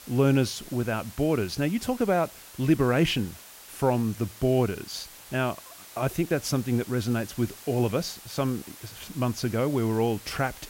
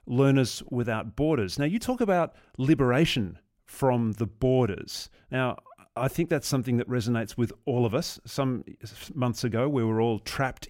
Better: second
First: hiss; noticeable; throughout; 15 dB below the speech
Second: none

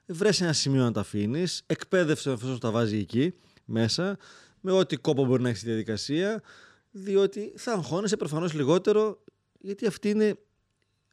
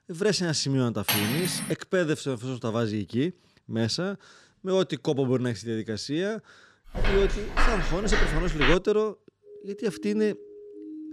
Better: first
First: none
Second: clattering dishes; loud; at 1 s; peak 2 dB above the speech // footsteps; loud; from 7 to 9 s; peak 2 dB above the speech // siren; faint; from 9.5 s on; peak 10 dB below the speech

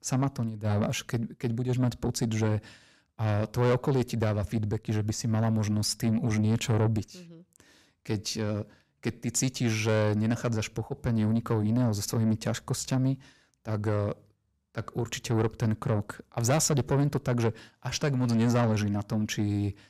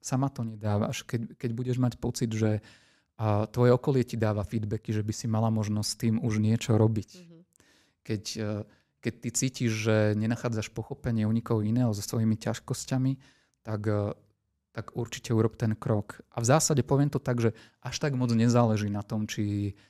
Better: second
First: distortion; slight; 10 dB below the speech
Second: none

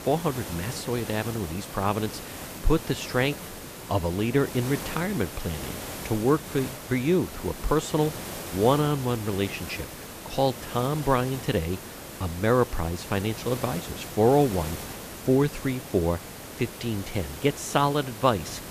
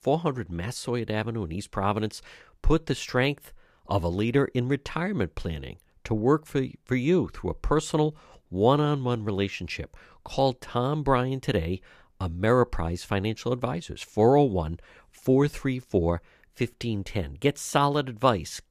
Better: second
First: hiss; noticeable; throughout; 10 dB below the speech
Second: none

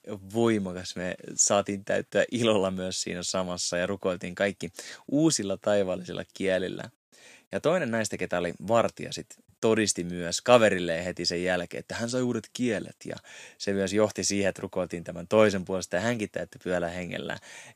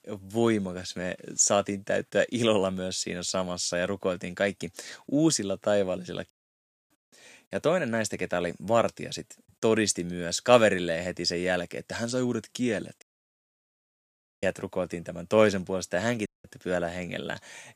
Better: first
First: none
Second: audio cutting out; at 6.5 s for 0.5 s, at 13 s for 1.5 s and at 16 s

